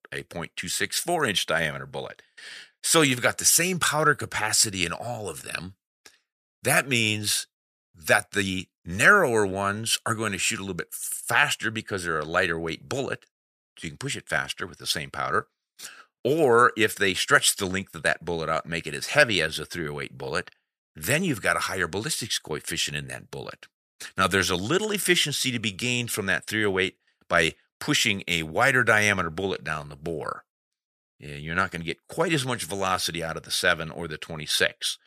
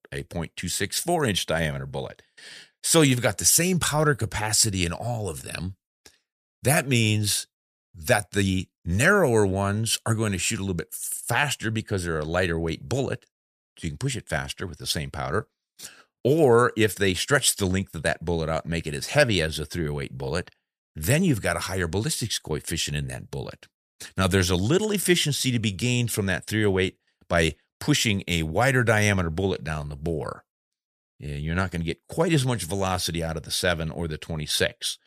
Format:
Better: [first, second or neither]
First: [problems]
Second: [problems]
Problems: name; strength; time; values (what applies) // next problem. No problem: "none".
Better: second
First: thin; somewhat; fading below 250 Hz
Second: none